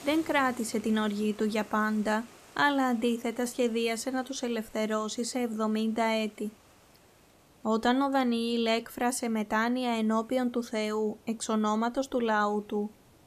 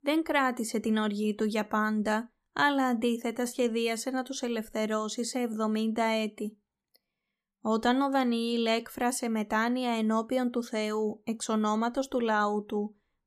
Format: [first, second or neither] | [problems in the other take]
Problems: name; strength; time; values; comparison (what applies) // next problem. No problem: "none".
second | hiss; faint; throughout; 25 dB below the speech